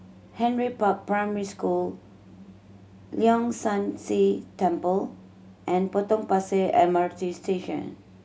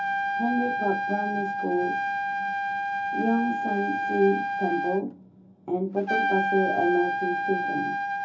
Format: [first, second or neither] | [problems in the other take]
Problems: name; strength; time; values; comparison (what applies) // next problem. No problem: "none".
first | background sound (Trumpet); as loud as the speech // room echo; dies away in 0.4 s